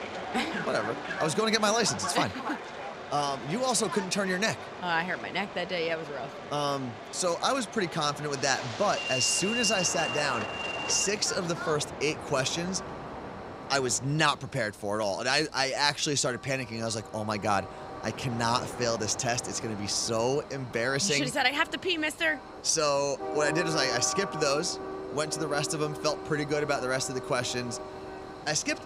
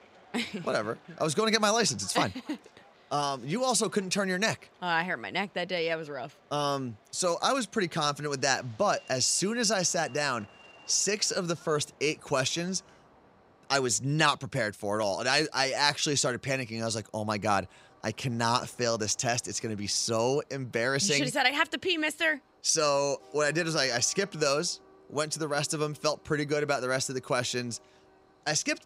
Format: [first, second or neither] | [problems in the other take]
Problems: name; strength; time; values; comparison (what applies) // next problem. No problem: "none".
second | train or aircraft noise; loud; throughout; 8 dB below the speech; faint in the second